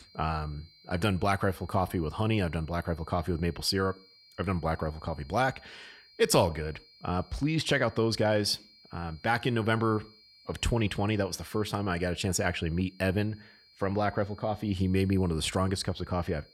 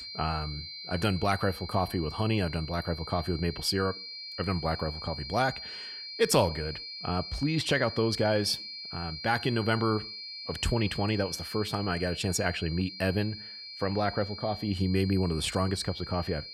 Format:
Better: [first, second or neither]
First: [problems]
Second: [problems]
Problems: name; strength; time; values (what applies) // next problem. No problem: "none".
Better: first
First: high-pitched whine; faint; throughout; 4 kHz, 25 dB below the speech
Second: high-pitched whine; loud; throughout; 4 kHz, 9 dB below the speech